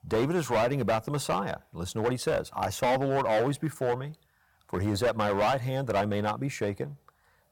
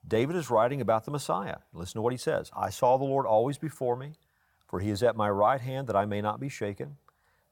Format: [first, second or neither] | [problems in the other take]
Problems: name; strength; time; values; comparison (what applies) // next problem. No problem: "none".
second | distortion; heavy; 10% of the sound clipped